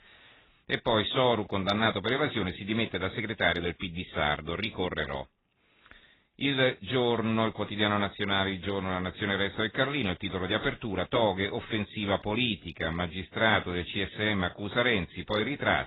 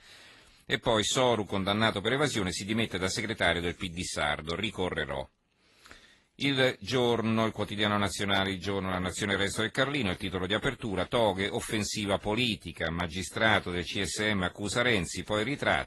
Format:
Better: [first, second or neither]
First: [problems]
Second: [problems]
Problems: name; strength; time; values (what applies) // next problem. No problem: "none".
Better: second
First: garbled, watery; badly; nothing above 3.5 kHz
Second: garbled, watery; slightly; nothing above 11.5 kHz